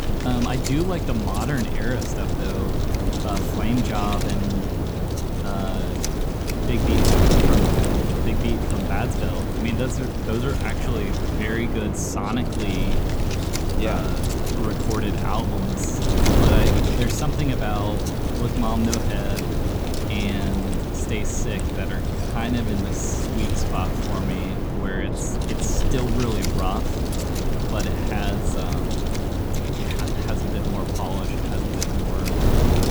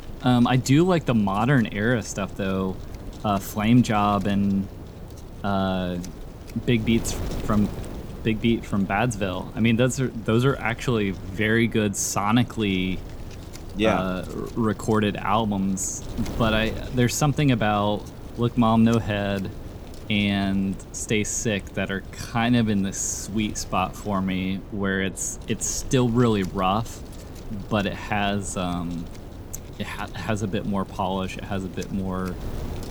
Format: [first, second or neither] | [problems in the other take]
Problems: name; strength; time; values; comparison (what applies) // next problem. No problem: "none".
second | wind noise on the microphone; heavy; 2 dB above the speech; occasional gusts in the second